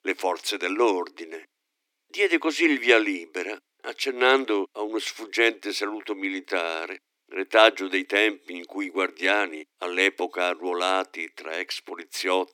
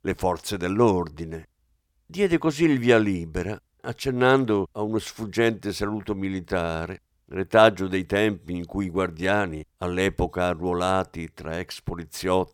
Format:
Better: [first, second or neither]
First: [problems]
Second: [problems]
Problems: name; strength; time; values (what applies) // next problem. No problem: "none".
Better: second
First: thin; somewhat; fading below 300 Hz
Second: none